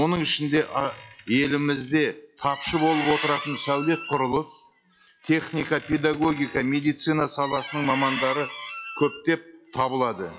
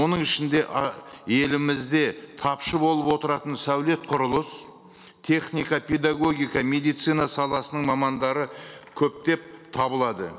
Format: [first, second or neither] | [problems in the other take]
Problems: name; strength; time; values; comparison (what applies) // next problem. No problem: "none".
second | noise reduction (classical method log-MMSE)